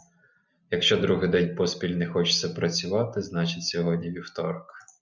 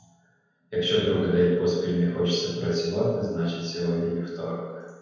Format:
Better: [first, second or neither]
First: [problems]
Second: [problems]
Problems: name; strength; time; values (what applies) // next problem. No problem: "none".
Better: first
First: none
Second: room echo; dies away in 1.2 s